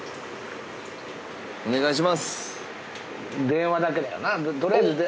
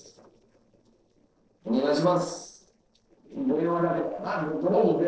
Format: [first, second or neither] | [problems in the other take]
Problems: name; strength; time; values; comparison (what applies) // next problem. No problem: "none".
first | noise reduction (neural separator model SepFormer DNS4)